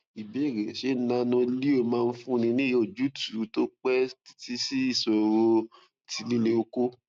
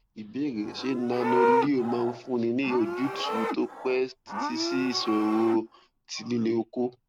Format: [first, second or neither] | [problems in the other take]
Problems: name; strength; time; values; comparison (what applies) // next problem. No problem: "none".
first | background sound (Livestock, farm animals, working animals); 4 dB below the speech